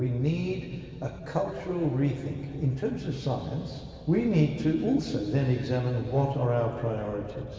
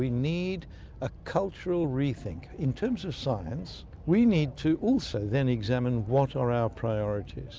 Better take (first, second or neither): second